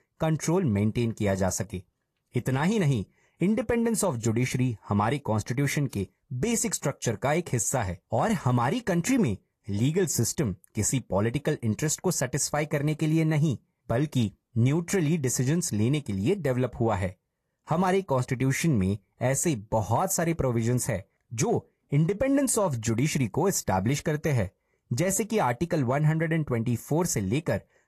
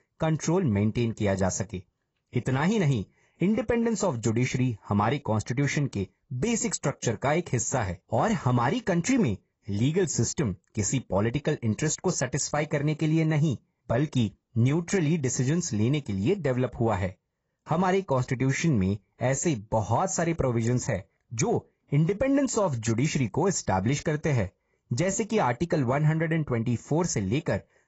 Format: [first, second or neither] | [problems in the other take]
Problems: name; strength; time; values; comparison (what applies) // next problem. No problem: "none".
first | garbled, watery; badly; nothing above 7.5 kHz; slightly in the first